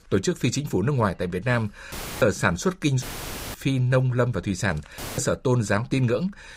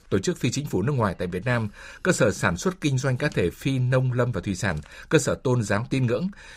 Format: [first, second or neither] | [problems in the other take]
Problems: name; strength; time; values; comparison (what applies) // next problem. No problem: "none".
second | audio cutting out; filled with static; at 2 s, at 3 s for 0.5 s and at 5 s